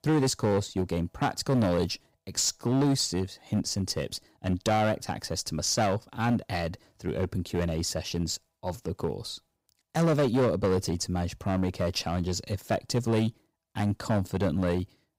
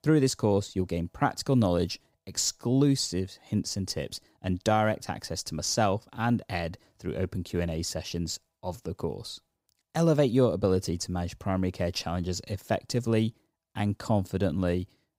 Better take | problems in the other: second | distortion; slight; 7% of the sound clipped

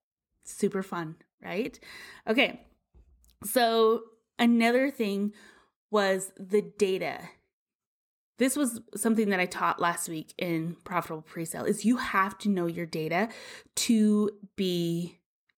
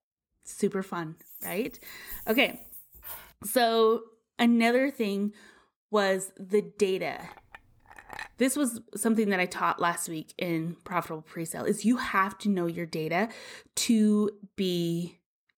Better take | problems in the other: first | jangling keys; faint; from 1 to 3.5 s; peak 10 dB below the speech // clattering dishes; faint; from 7 to 8.5 s; peak 15 dB below the speech

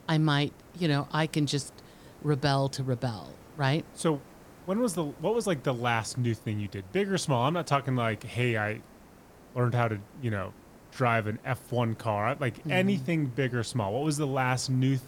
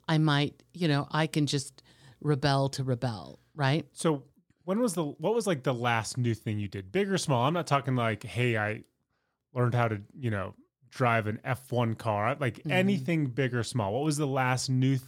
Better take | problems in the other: second | hiss; faint; throughout; 25 dB below the speech

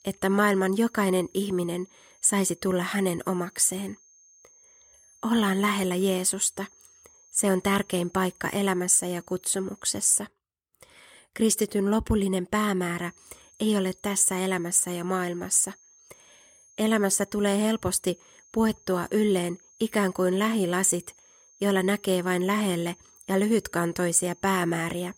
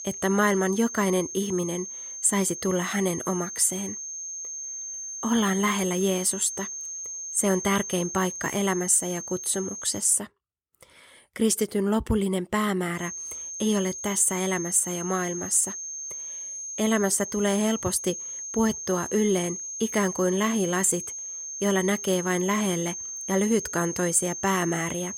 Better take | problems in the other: first | high-pitched whine; loud; until 10 s and from 13 s on; 6.5 kHz, 8 dB below the speech; faint in the first

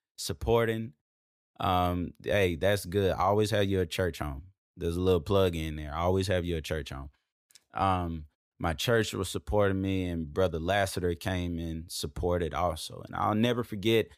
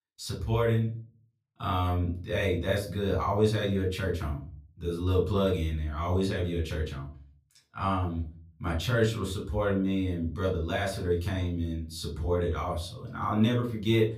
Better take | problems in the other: first | off-mic speech; far // room echo; slight; dies away in 0.4 s

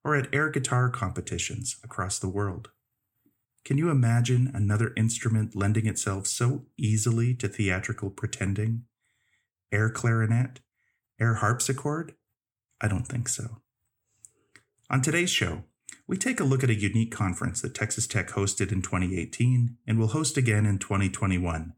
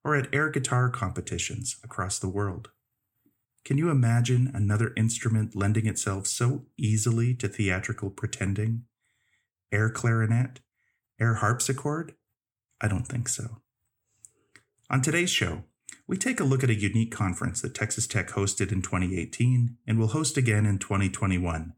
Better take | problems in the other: neither | none

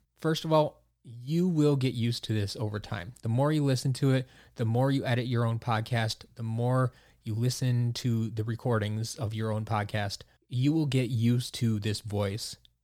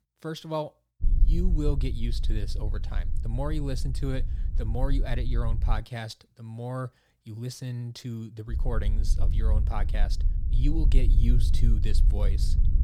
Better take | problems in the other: first | wind noise on the microphone; occasional gusts; from 1 to 6 s and from 8.5 s on; 10 dB below the speech

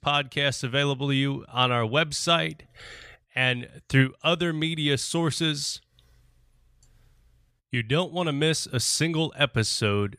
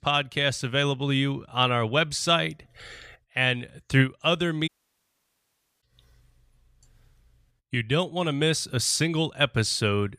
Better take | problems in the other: first | audio cutting out; at 4.5 s for 1 s

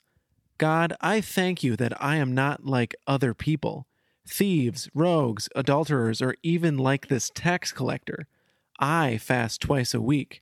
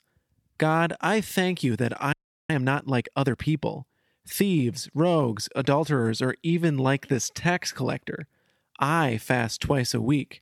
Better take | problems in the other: first | audio freezing; at 2 s

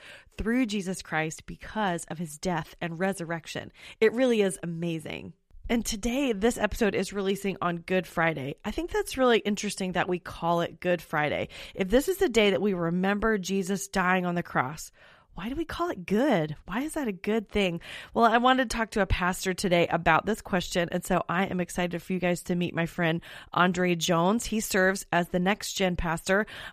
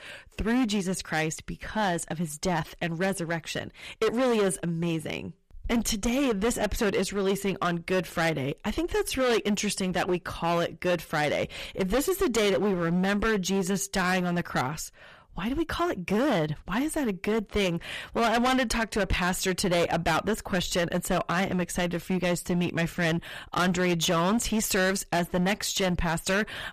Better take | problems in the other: first | distortion; heavy; 14% of the sound clipped

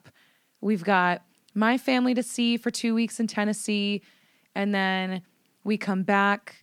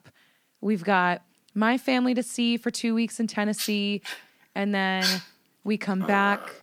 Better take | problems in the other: first | dog barking; noticeable; from 3.5 s on; peak level with the speech

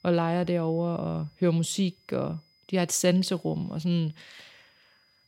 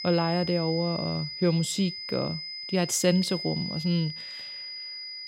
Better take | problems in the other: first | high-pitched whine; loud; throughout; 5 kHz, 7 dB below the speech; faint in the first

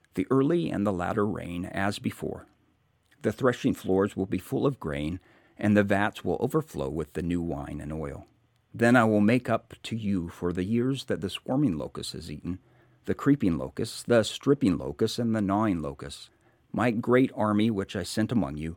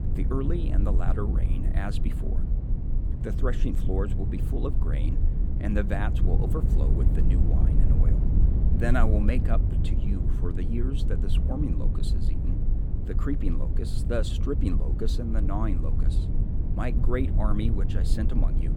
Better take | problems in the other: first | low rumble; loud; throughout; 5 dB below the speech

